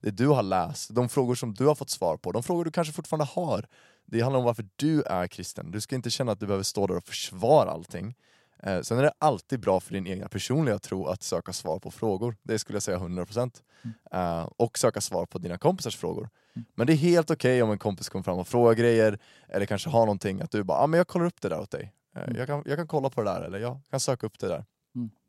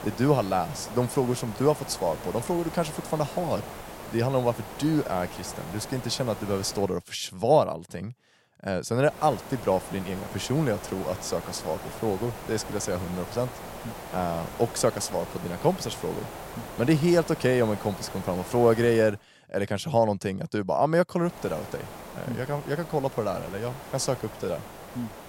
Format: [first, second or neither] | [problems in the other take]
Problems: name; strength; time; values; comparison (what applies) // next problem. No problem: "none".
first | hiss; noticeable; until 7 s, from 9 to 19 s and from 21 s on; 15 dB below the speech